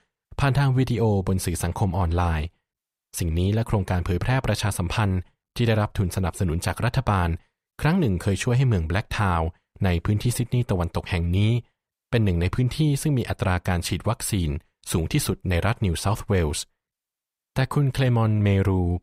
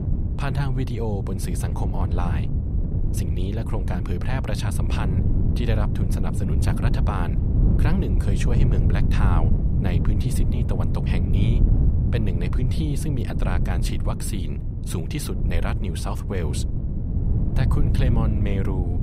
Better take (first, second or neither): first